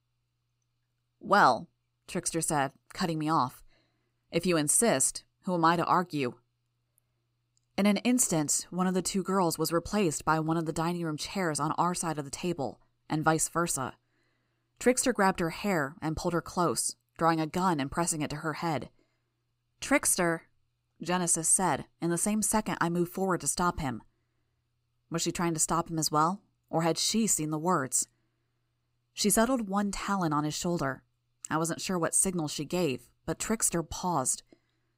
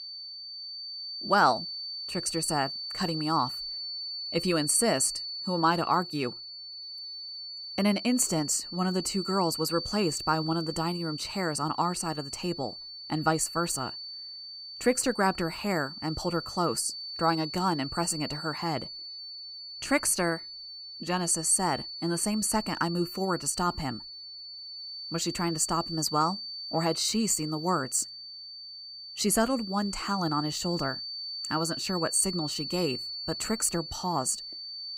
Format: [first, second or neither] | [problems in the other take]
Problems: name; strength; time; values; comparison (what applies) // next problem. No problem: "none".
first | high-pitched whine; loud; throughout; 4.5 kHz, 8 dB below the speech